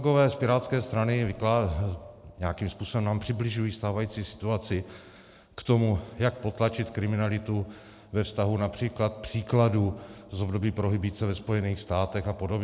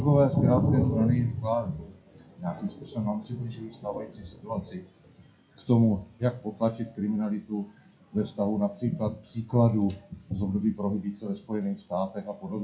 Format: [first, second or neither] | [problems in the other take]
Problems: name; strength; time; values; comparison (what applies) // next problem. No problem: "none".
first | noise reduction (classical method WPE with log-MMSE)